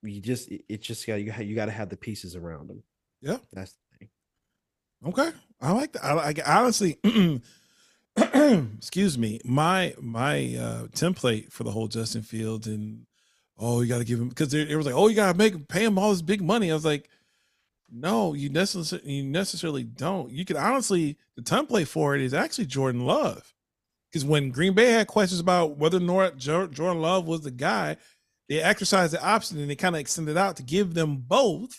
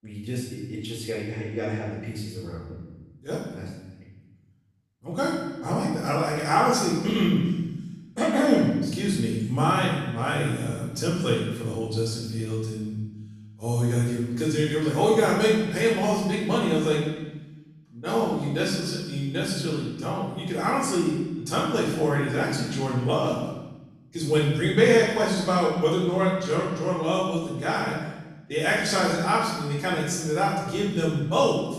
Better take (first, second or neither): first